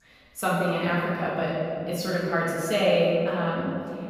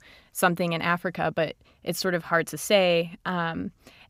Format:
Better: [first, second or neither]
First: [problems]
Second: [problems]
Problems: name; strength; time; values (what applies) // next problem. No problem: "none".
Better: second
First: room echo; strong; dies away in 2.8 s // off-mic speech; far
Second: none